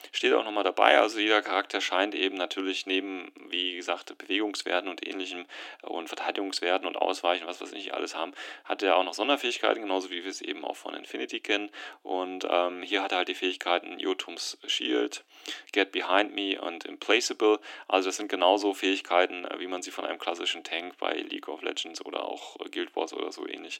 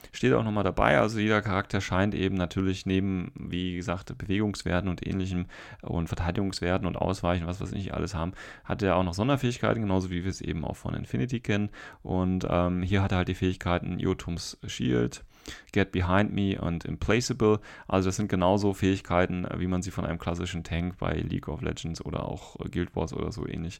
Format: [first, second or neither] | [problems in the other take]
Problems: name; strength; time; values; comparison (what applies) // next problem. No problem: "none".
second | thin; somewhat; fading below 300 Hz